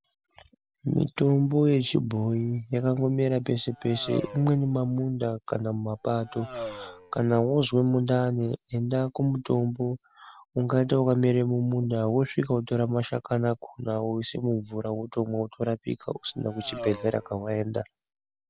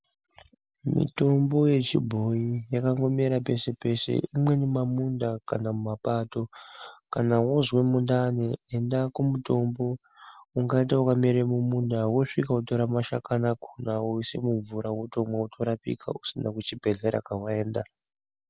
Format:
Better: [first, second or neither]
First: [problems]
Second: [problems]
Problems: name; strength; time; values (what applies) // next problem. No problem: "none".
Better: second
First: background sound (Race car, auto racing); 15 dB below the speech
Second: none